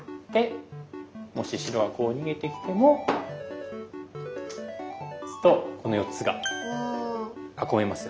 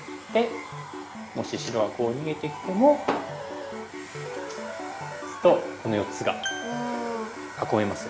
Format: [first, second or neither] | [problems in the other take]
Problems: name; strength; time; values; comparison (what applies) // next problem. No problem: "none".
first | background sound (Domestic sounds, home sounds); 14 dB below the speech